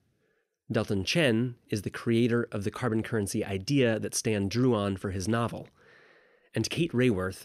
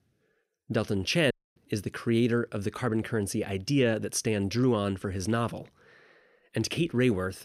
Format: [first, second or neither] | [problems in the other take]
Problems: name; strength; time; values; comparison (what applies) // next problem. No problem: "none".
first | audio cutting out; at 1.5 s